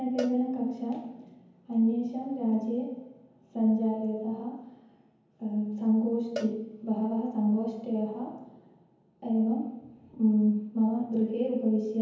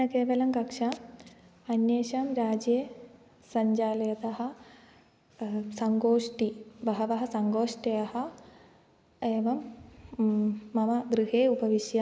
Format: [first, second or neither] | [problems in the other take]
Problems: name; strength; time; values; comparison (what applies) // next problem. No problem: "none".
second | background sound (Cowbell); 16 dB below the speech // room echo; dies away in 1 s